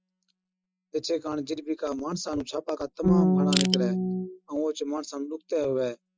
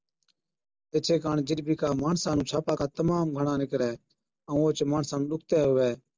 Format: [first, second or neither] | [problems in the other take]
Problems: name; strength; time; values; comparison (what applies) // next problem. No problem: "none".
second | noise reduction (classical method Wiener filter)